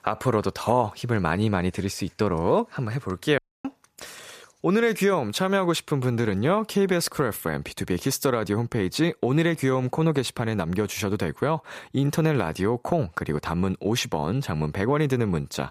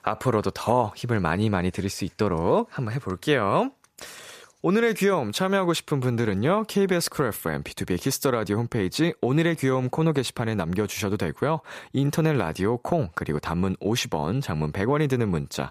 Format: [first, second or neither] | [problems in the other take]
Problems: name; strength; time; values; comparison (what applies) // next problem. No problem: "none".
second | audio cutting out; at 3.5 s